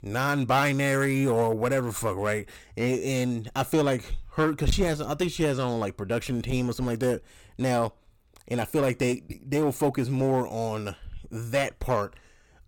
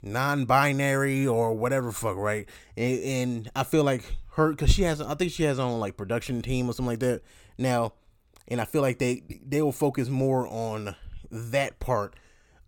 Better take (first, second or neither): second